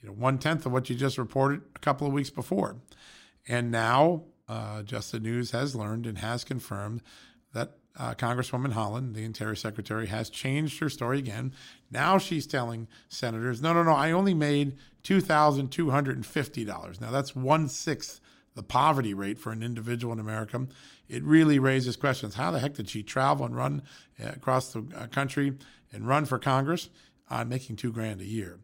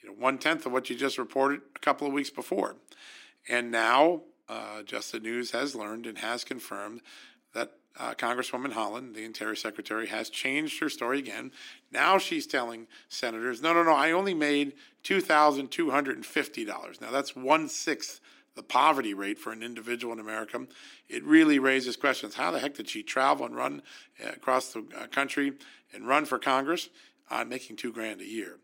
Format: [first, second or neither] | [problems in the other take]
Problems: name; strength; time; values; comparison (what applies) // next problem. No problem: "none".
first | thin; very slightly; fading below 300 Hz